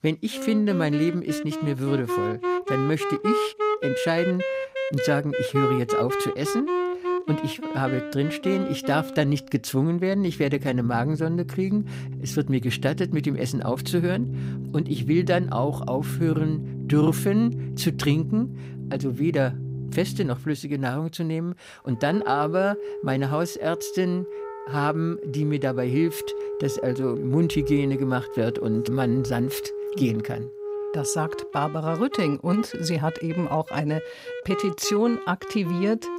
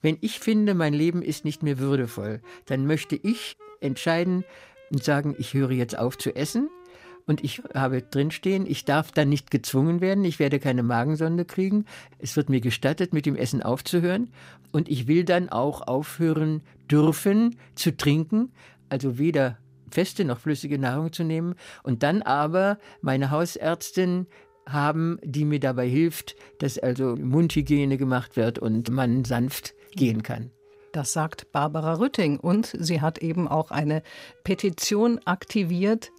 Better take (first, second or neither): second